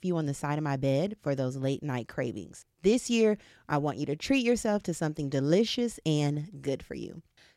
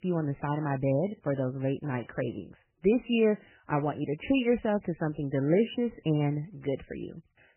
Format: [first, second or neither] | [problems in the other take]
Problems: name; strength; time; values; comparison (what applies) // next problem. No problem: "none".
first | garbled, watery; badly; nothing above 3 kHz